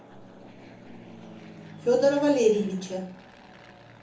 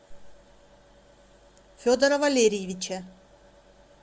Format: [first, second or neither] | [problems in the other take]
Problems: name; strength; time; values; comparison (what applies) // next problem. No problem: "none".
second | background sound (Fixed-wing aircraft, airplane); 19 dB below the speech // room echo; dies away in 1 s